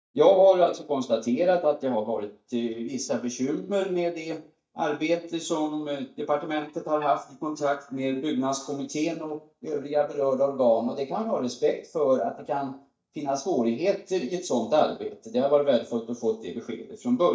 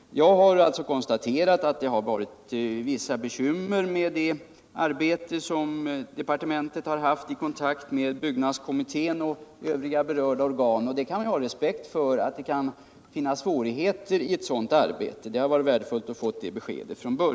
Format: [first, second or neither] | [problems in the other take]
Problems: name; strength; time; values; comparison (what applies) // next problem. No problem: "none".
second | noise reduction (neural mask model DeepFilterNet 3)